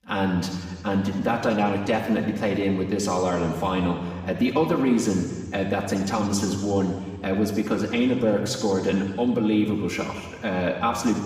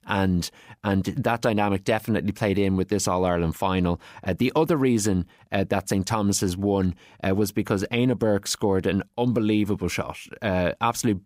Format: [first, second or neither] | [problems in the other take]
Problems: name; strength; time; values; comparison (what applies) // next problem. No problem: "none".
second | room echo; noticeable; dies away in 1.5 s // off-mic speech; somewhat distant